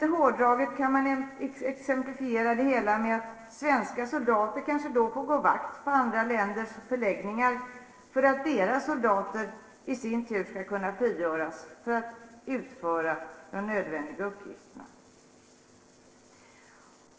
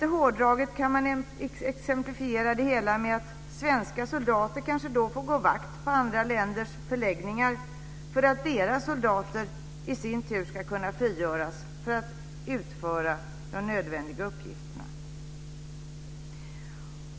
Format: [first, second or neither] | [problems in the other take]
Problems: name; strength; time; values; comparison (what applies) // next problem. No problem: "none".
second | noise reduction (neural separator model SepFormer DNS4)